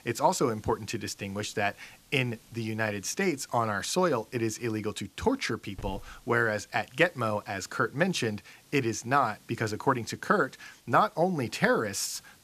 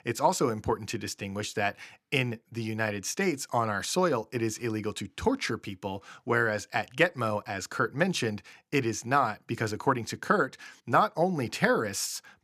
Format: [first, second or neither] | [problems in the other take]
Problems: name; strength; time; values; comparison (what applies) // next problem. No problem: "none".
second | hiss; faint; throughout; 25 dB below the speech